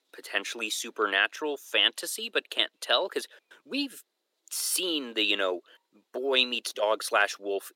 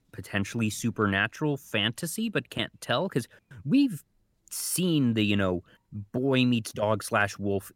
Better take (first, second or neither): second